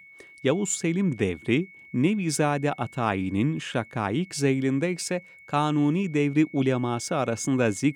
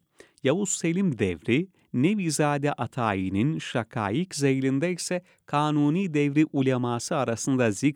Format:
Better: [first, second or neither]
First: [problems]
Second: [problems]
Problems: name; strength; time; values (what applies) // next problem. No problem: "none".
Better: second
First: high-pitched whine; faint; throughout; 2 kHz, 20 dB below the speech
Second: none